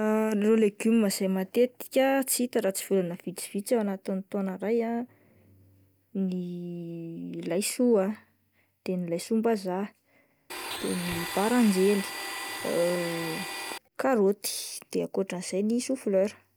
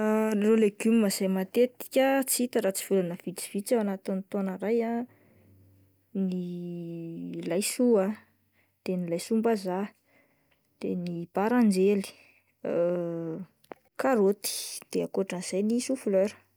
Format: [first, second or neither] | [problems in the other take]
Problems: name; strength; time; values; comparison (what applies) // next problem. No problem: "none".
second | background sound (Domestic sounds, home sounds); 8 dB below the speech